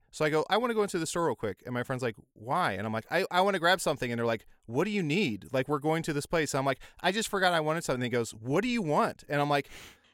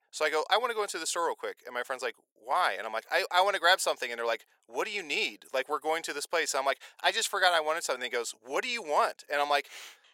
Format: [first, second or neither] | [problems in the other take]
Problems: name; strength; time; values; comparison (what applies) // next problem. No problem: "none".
first | thin; very; fading below 500 Hz